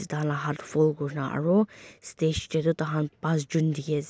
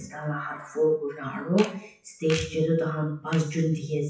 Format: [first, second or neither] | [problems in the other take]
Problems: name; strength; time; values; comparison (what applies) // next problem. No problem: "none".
first | noise reduction (classical method WPE with log-MMSE)